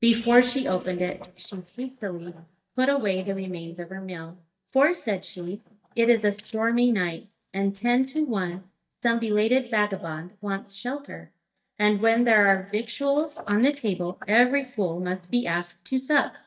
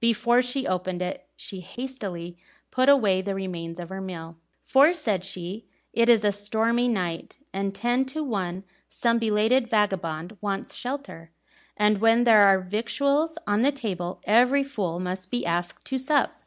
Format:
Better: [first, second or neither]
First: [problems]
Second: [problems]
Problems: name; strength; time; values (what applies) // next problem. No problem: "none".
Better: second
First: noise reduction (neural mask model DeepFilterNet 3)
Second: none